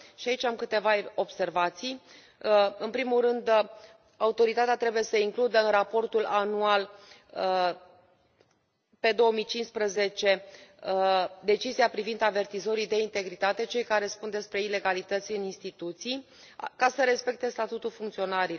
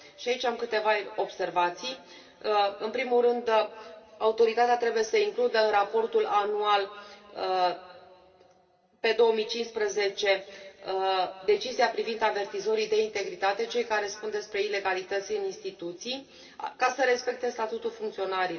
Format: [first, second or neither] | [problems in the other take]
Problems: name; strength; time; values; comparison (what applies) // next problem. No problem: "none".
first | room echo; dies away in 2.7 s